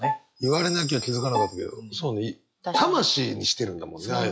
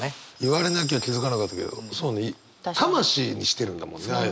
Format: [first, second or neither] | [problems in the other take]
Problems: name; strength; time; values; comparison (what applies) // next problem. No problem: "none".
second | noise reduction (classical method log-MMSE)